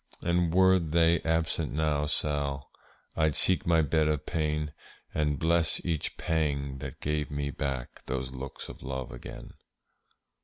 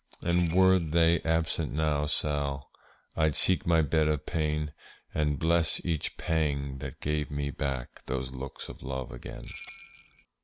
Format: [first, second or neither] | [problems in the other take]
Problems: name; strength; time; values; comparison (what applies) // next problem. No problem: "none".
first | background sound (Bell); 18 dB below the speech